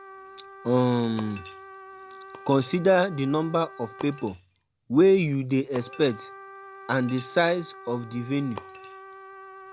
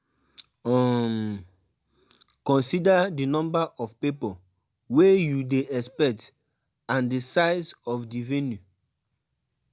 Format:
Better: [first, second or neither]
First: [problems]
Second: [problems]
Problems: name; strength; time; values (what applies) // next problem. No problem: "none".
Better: second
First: background sound (Trumpet + Shatter); 18 dB below the speech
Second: none